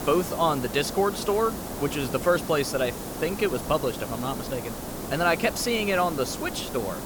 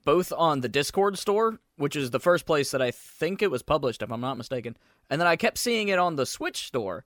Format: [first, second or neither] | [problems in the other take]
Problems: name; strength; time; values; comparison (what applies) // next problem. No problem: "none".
second | hiss; loud; throughout; 8 dB below the speech